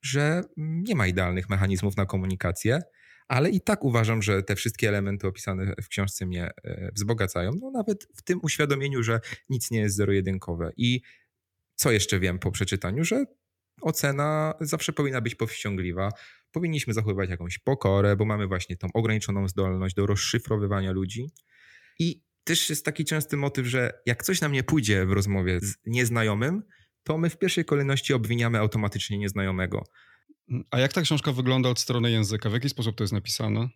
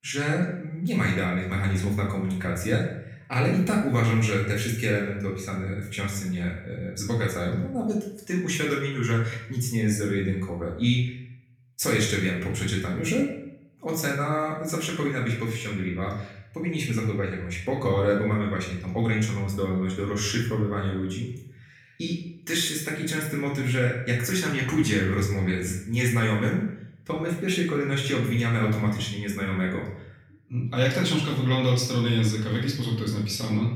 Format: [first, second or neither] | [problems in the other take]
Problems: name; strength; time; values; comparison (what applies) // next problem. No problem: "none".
first | off-mic speech; far // room echo; noticeable; dies away in 0.6 s